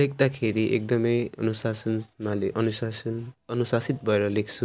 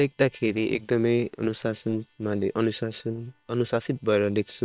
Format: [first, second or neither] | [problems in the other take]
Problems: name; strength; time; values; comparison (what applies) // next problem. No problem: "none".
first | noise reduction (neural separator model SepFormer WHAM!)